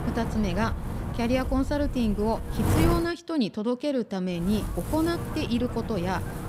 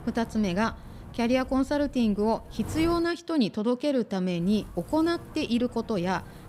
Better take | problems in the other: second | wind noise on the microphone; heavy; until 3 s and from 4.5 s on; 7 dB below the speech; occasional gusts in the second

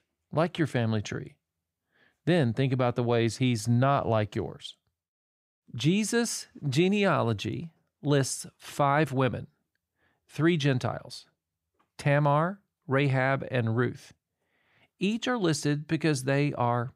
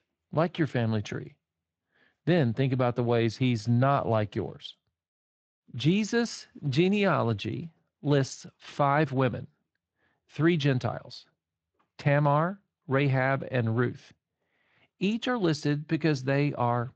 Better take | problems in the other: first | garbled, watery; slightly; nothing above 7.5 kHz

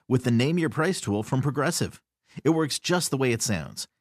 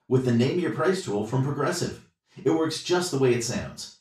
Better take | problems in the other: first | room echo; noticeable; dies away in 0.3 s // off-mic speech; far

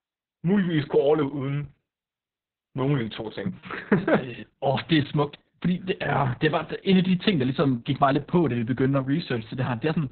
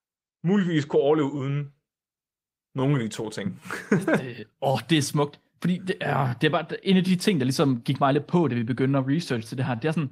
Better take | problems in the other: second | garbled, watery; badly; nothing above 4 kHz; slightly in the second

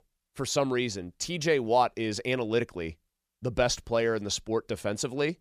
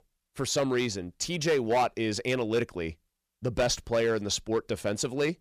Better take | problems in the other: first | distortion; slight; 4% of the sound clipped

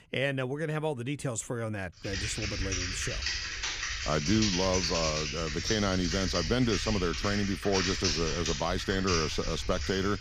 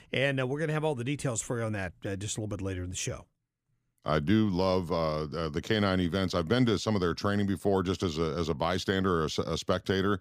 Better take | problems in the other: second | keyboard typing; loud; from 2 s on; peak 3 dB above the speech

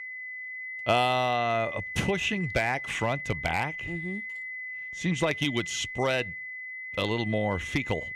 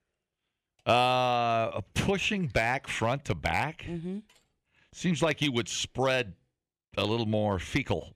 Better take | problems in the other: second | high-pitched whine; loud; throughout; 2 kHz, 6 dB below the speech

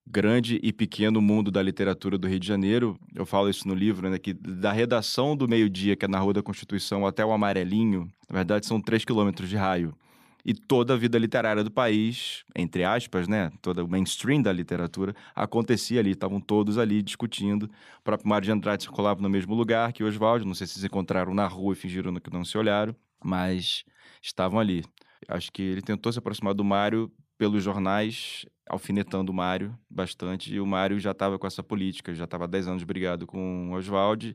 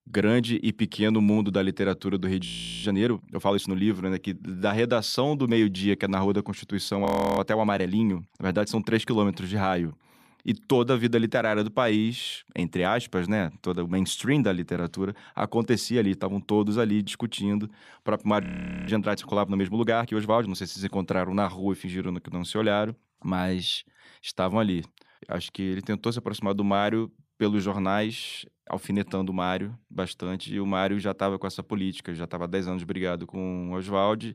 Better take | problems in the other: first | audio freezing; at 2.5 s, at 7 s and at 18 s

